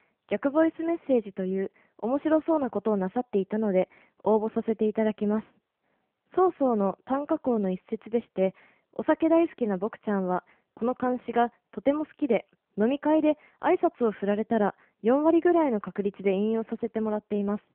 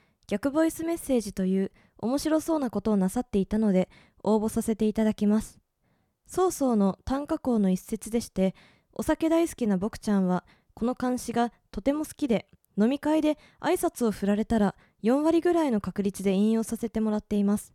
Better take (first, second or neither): second